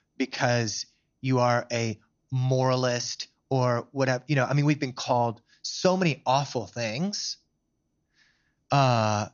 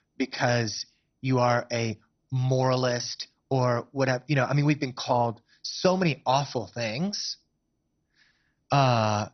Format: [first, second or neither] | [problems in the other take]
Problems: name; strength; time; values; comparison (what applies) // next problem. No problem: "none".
first | garbled, watery; badly; nothing above 6 kHz; slightly in the first